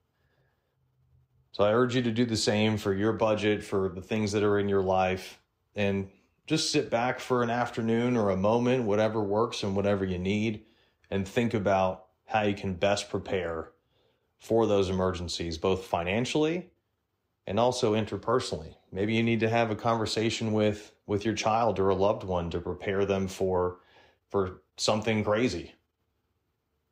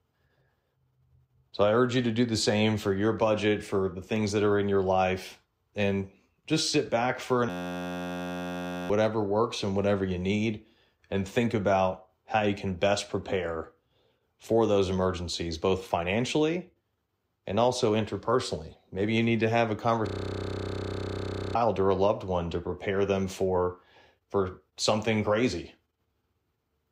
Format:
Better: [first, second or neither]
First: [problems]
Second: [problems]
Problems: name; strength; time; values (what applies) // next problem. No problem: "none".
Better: first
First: none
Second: audio freezing; at 7.5 s for 1.5 s and at 20 s for 1.5 s